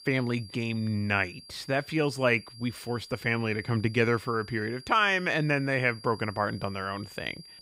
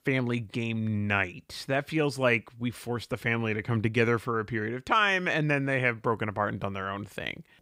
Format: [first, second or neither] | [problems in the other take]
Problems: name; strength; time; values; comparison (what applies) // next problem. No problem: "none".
second | high-pitched whine; noticeable; throughout; 4.5 kHz, 20 dB below the speech